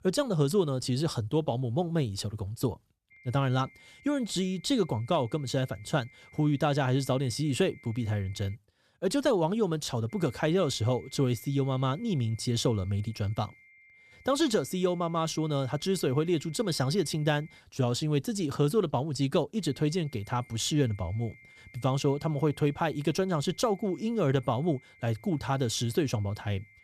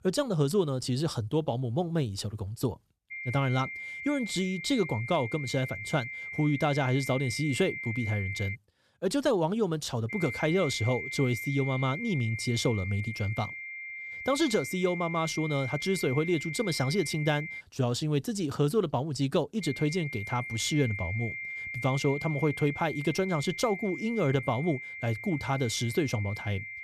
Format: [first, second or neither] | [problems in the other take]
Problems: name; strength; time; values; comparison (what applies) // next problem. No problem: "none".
first | high-pitched whine; loud; from 3 to 8.5 s, from 10 to 18 s and from 20 s on; 2 kHz, 7 dB below the speech; faint in the first